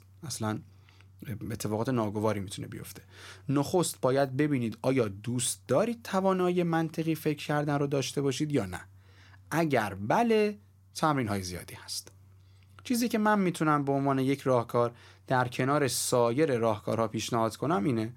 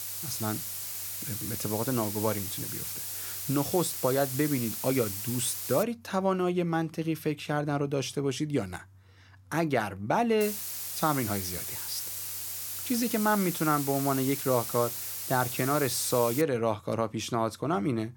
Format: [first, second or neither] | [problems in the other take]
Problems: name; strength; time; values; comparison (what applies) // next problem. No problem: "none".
first | hiss; loud; until 6 s and from 10 to 16 s; 4 dB below the speech